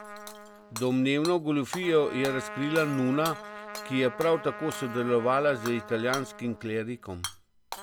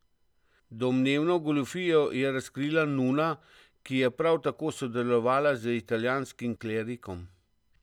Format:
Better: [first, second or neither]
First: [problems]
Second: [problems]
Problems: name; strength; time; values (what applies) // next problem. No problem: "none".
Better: second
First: background sound (Trumpet + Shatter / Hammer); 12 dB below the speech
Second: none